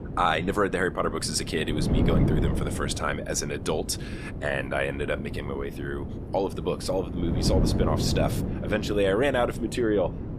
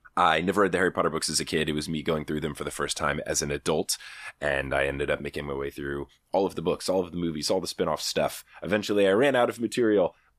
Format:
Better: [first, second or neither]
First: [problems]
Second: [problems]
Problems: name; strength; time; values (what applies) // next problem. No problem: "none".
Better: second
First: wind noise on the microphone; heavy; 9 dB below the speech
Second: none